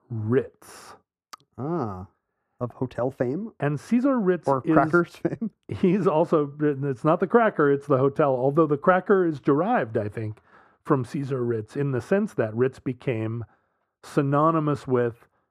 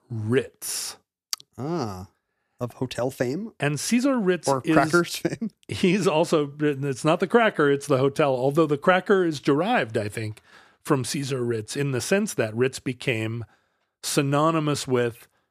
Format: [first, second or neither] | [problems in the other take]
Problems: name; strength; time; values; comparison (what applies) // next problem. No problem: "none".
second | muffled; very; fading above 2 kHz